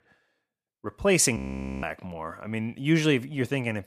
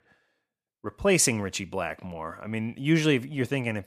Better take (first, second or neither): second